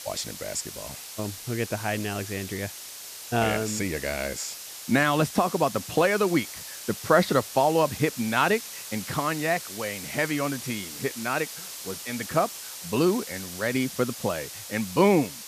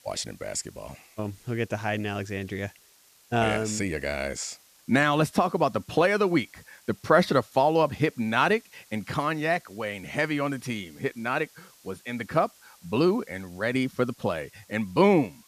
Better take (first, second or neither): second